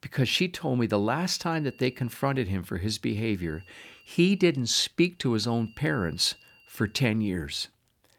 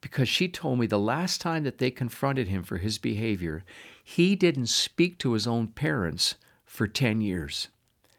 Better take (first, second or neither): second